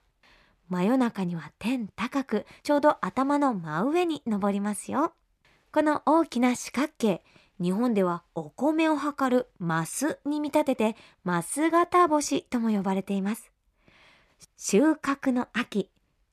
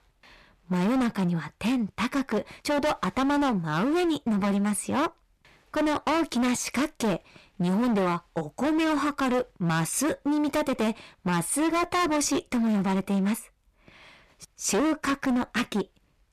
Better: first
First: none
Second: distortion; heavy; 21% of the sound clipped

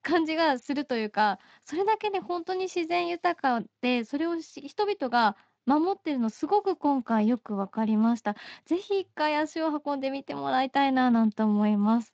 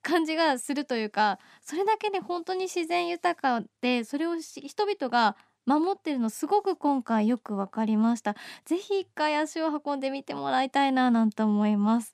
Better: second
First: garbled, watery; slightly; nothing above 7.5 kHz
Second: none

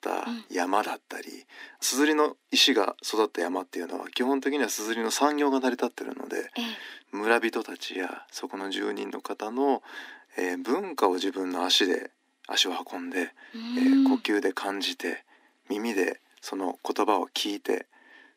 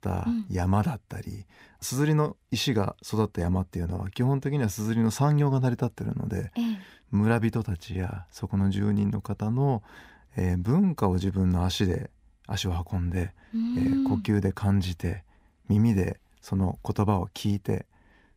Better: second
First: thin; somewhat; fading below 250 Hz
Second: none

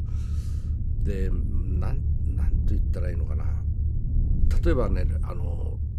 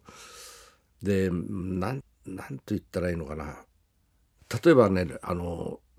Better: second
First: low rumble; loud; throughout; 7 dB below the speech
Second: none

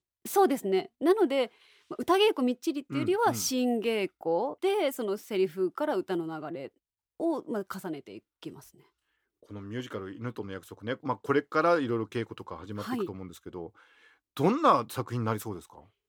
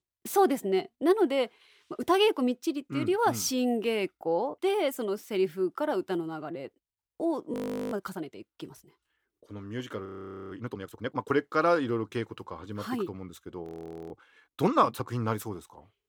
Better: first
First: none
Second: audio freezing; at 7.5 s, at 10 s and at 14 s

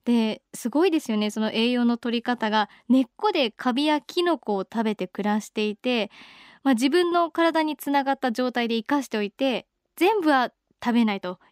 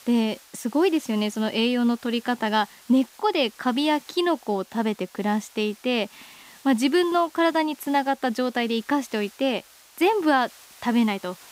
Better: first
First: none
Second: hiss; faint; throughout; 25 dB below the speech

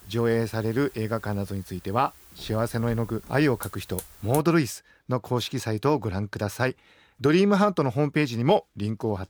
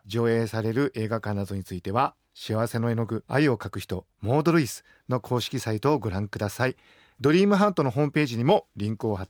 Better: second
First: hiss; noticeable; until 4.5 s; 15 dB below the speech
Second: none

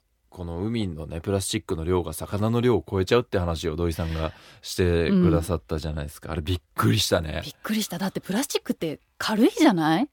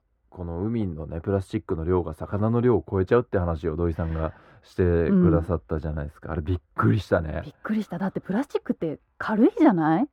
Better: first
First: none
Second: muffled; very; fading above 2.5 kHz

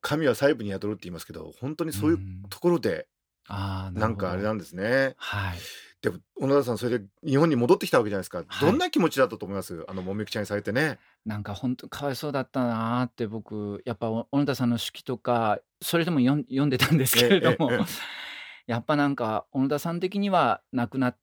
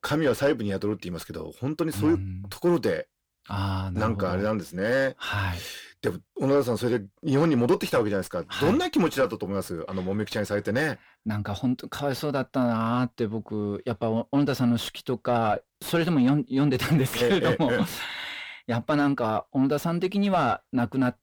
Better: first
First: none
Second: distortion; slight; 10 dB below the speech

